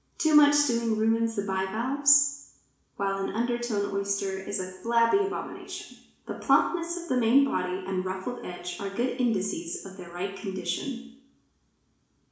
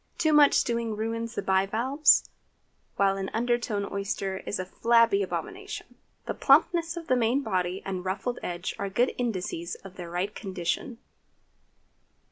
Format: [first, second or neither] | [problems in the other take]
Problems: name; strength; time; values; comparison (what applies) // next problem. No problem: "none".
second | room echo; dies away in 0.7 s